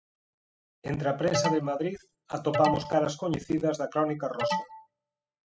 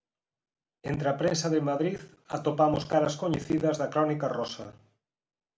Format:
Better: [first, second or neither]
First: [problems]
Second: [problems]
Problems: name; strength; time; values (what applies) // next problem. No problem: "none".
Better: second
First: noise reduction (classical method spectral subtraction)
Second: none